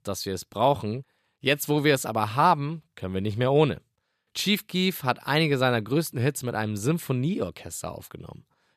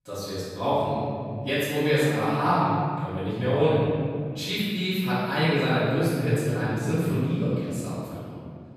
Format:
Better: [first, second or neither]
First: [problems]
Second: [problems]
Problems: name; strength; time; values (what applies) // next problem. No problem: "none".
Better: first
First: none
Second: off-mic speech; far // room echo; strong; dies away in 2.3 s